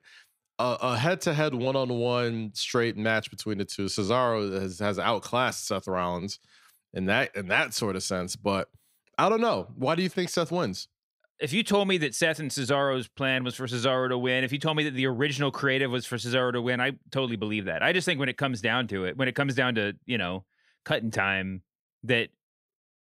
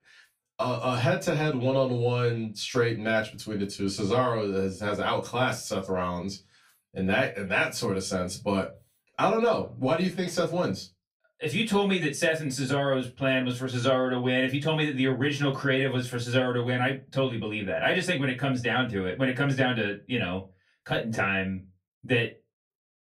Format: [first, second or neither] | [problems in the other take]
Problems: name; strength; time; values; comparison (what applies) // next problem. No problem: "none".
first | off-mic speech; far // room echo; very slight; dies away in 0.2 s